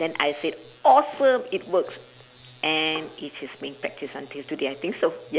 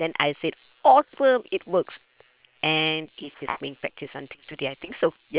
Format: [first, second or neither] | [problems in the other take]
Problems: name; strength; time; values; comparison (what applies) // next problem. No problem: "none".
first | noise reduction (neural separator model SepFormer WHAM!)